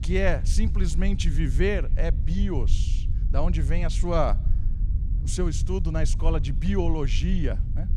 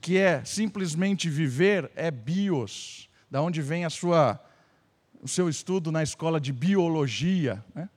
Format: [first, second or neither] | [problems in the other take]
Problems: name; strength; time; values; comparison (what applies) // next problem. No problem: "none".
second | low rumble; noticeable; throughout; 15 dB below the speech